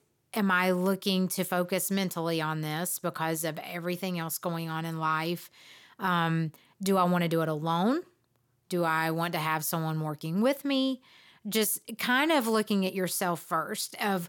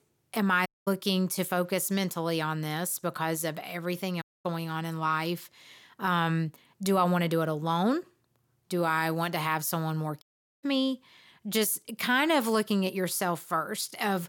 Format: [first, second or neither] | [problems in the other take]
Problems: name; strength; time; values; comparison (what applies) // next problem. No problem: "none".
first | audio cutting out; at 0.5 s, at 4 s and at 10 s